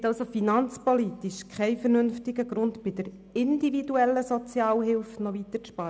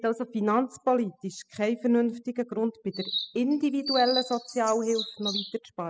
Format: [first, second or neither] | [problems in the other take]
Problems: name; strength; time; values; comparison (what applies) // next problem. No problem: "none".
first | noise reduction (classical method spectral subtraction)